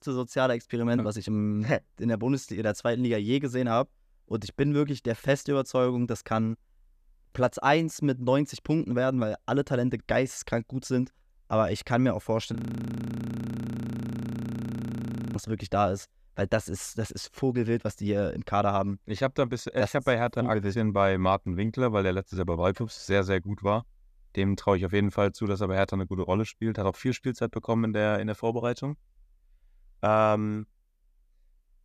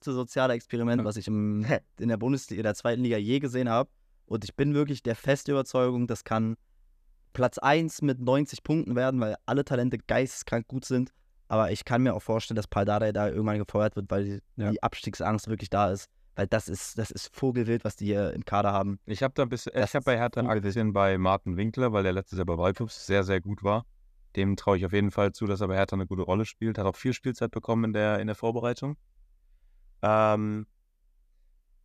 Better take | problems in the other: second | audio freezing; at 13 s for 3 s

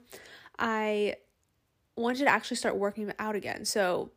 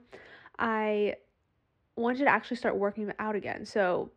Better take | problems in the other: first | muffled; slightly; fading above 2.5 kHz

